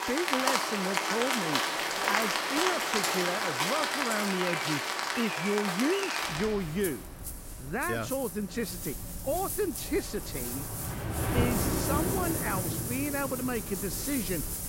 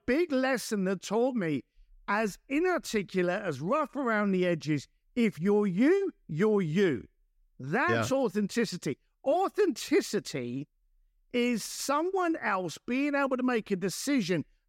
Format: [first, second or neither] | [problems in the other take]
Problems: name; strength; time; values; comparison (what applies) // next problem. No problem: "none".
second | rain or running water; very loud; throughout; 3 dB above the speech